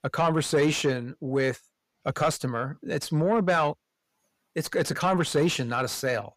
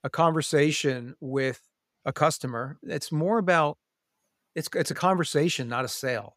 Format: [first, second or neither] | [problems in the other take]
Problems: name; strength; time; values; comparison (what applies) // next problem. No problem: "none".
second | distortion; slight; 10 dB below the speech